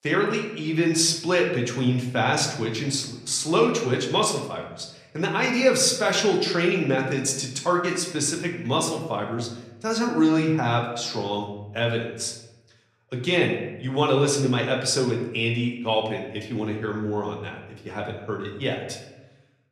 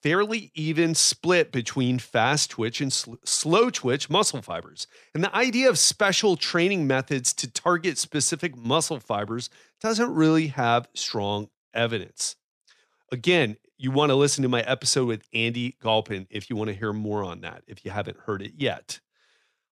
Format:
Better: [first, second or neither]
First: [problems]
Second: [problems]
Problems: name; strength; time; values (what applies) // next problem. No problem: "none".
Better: second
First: room echo; slight; dies away in 0.8 s // off-mic speech; somewhat distant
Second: none